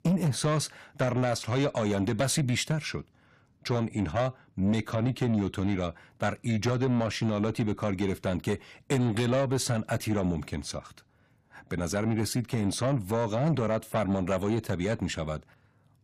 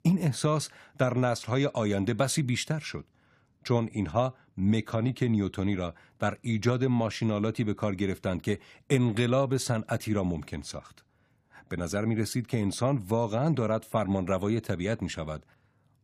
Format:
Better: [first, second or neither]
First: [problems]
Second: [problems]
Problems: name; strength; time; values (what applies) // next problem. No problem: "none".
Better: second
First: distortion; slight; 10 dB below the speech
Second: none